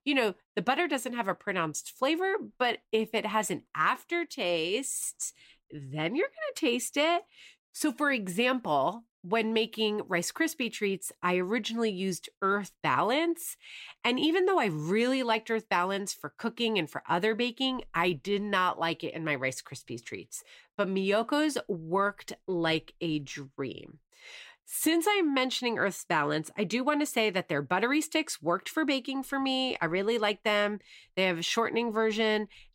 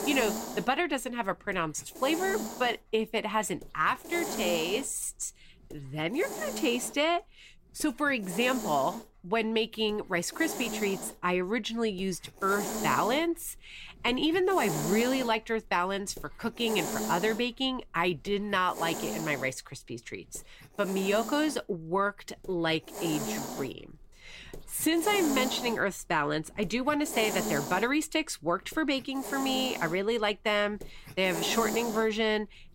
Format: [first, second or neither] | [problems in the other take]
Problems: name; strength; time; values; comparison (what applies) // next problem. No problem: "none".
first | hiss; loud; throughout; 7 dB below the speech